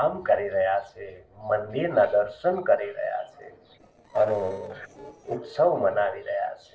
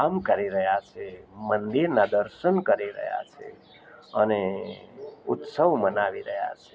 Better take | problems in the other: second | noise reduction (neural separator model SepFormer DNS4)

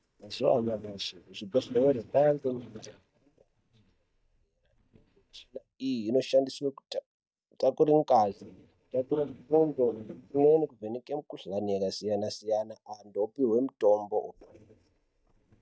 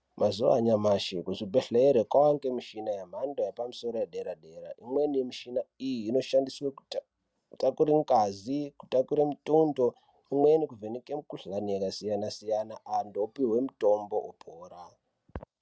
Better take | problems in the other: second | noise reduction (neural mask model DeepFilterNet 3)

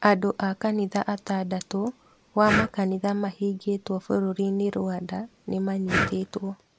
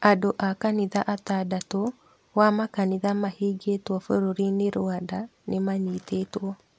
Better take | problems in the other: second | background sound (Breathing); 8 dB below the speech

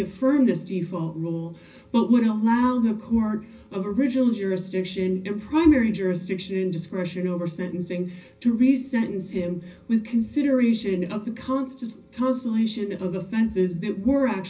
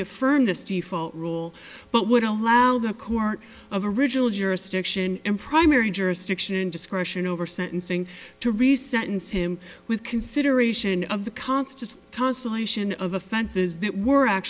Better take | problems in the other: second | room echo; dies away in 0.4 s

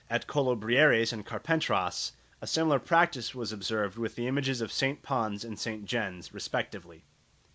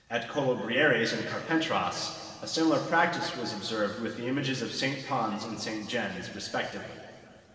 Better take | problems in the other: first | room echo; dies away in 2.4 s

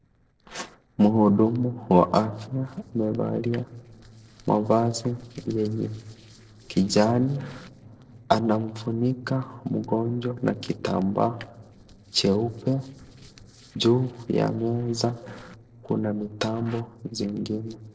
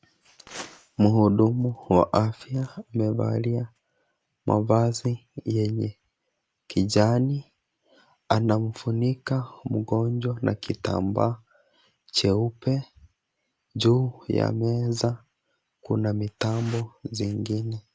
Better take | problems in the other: second | noise reduction (neural separator model SepFormer DNS4)

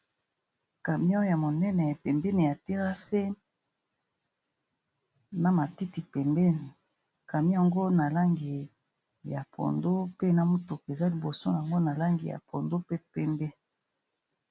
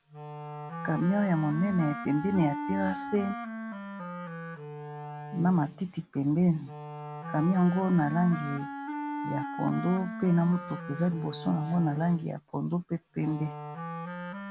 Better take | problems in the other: first | background sound (Wind instrument, woodwind instrument); 9 dB below the speech

